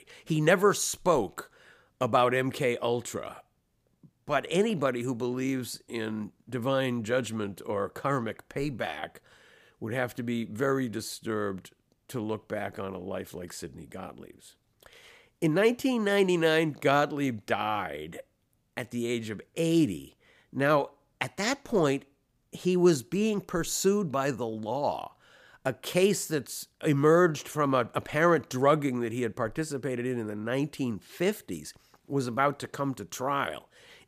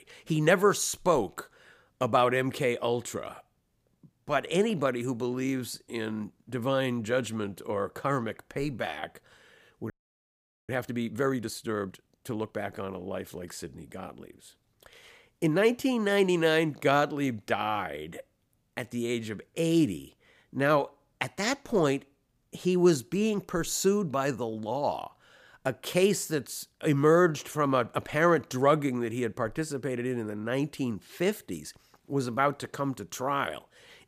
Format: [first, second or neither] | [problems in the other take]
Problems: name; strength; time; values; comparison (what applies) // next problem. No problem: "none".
first | audio freezing; at 10 s for 1 s